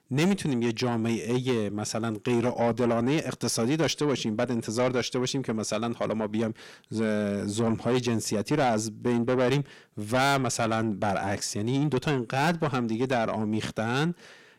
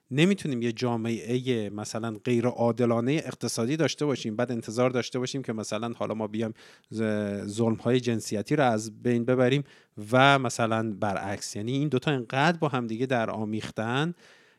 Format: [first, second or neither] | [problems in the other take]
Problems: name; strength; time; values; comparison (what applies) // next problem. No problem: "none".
second | distortion; heavy; 7 dB below the speech